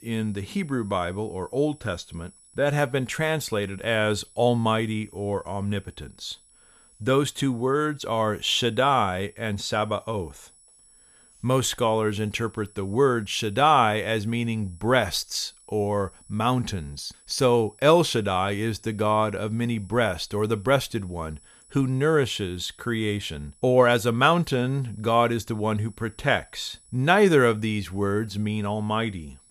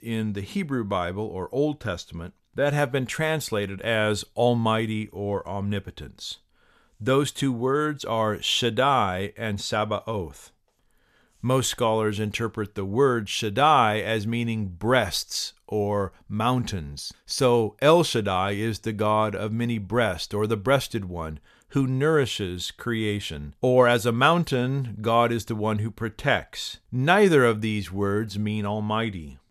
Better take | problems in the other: second | high-pitched whine; faint; throughout; 10.5 kHz, 30 dB below the speech

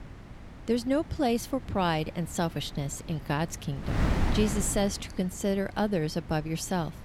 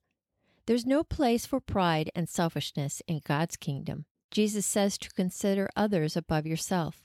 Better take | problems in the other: second | wind noise on the microphone; occasional gusts; 10 dB below the speech

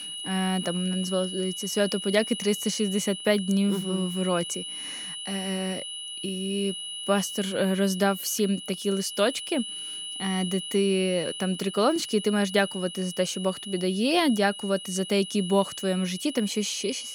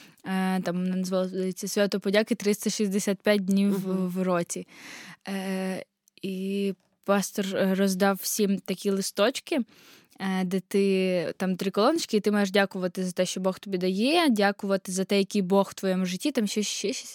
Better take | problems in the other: second | high-pitched whine; loud; throughout; 3 kHz, 8 dB below the speech

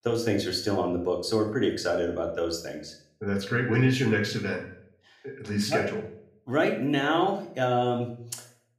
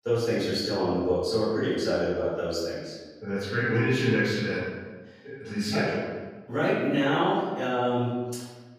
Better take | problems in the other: first | room echo; strong; dies away in 1.2 s; slight in the first // off-mic speech; far; somewhat distant in the first

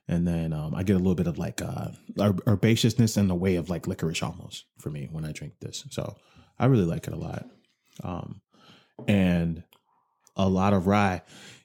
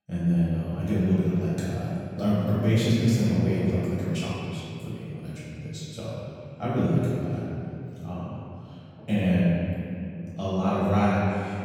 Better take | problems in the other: first | room echo; strong; dies away in 2.5 s // off-mic speech; far

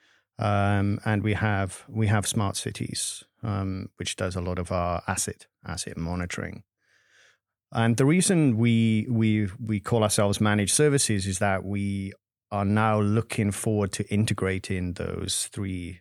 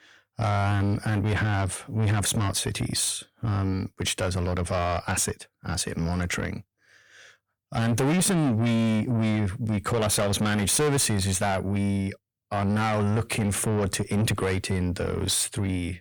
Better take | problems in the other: first | distortion; heavy; 6 dB below the speech

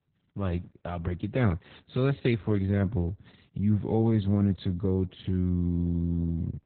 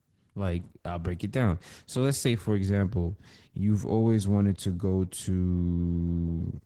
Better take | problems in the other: second | garbled, watery; badly; nothing above 4 kHz; slightly in the second

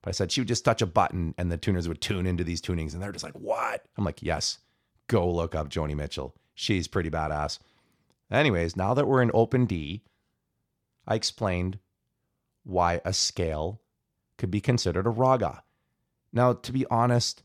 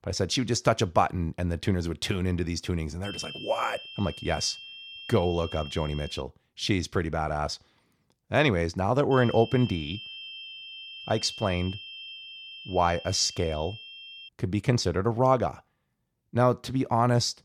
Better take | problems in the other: first | high-pitched whine; noticeable; from 3 to 6 s and from 9 to 14 s; 3 kHz, 15 dB below the speech

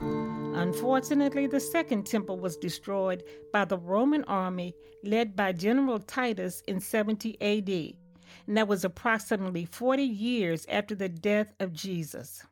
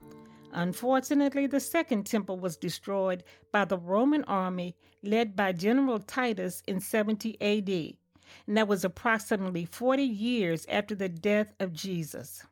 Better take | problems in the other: second | background music; loud; until 10 s; 10 dB below the speech; faint in the second

